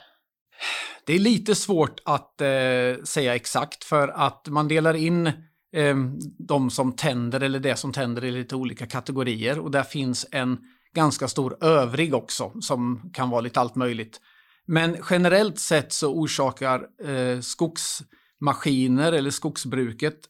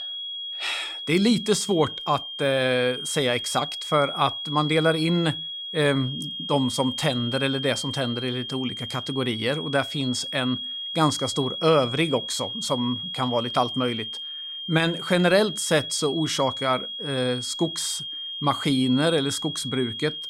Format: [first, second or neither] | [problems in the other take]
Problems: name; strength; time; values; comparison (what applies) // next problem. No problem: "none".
first | high-pitched whine; loud; throughout; 3.5 kHz, 6 dB below the speech